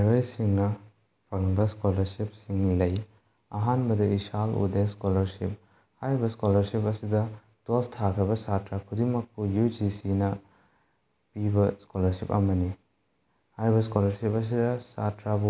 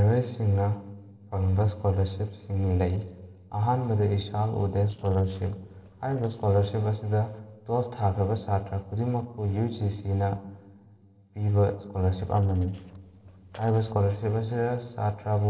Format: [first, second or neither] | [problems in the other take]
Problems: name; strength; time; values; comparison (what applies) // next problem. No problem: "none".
first | noise reduction (neural separator model SepFormer DNS4)